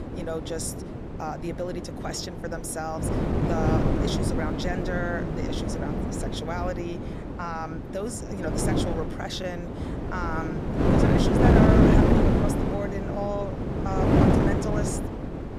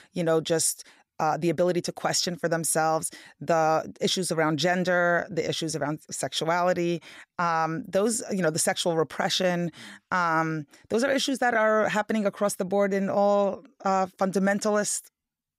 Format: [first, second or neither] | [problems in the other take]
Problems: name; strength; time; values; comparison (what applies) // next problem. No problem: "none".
second | wind noise on the microphone; heavy; 4 dB above the speech